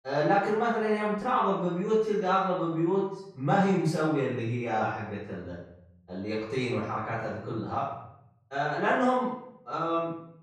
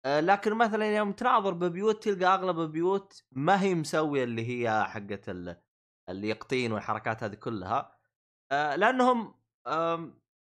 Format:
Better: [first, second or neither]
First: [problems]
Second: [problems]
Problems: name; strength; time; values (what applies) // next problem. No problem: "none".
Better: second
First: off-mic speech; far // room echo; noticeable; dies away in 0.7 s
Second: none